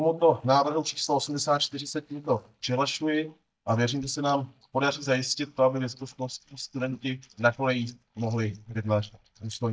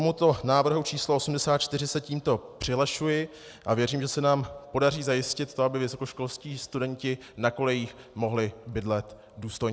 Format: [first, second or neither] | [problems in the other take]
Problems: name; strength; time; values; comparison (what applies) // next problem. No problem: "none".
second | noise reduction (neural mask model DeepFilterNet 3)